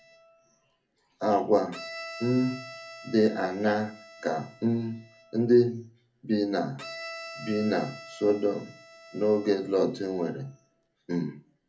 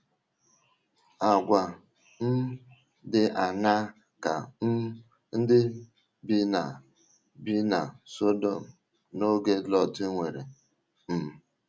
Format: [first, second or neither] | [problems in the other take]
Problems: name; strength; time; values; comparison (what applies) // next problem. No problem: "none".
second | background sound (Bowed string instrument); 18 dB below the speech // room echo; dies away in 0.3 s